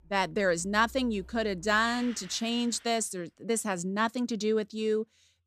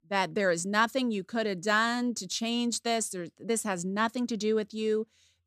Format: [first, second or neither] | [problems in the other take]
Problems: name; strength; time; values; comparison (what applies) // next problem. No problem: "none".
second | traffic noise; faint; until 3 s; 20 dB below the speech